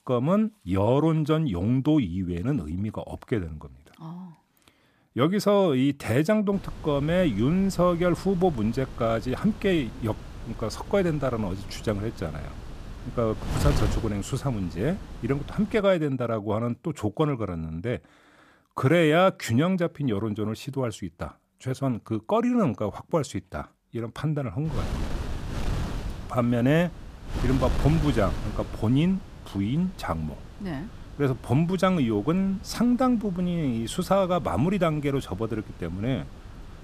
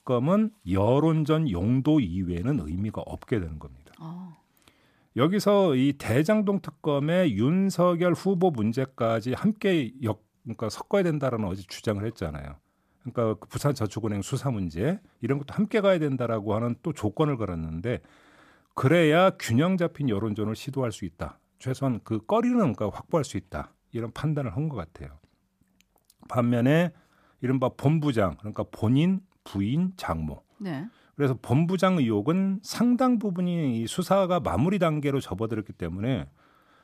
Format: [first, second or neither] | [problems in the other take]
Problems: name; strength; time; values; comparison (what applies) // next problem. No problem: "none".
second | wind noise on the microphone; occasional gusts; from 6.5 to 16 s and from 25 s on; 15 dB below the speech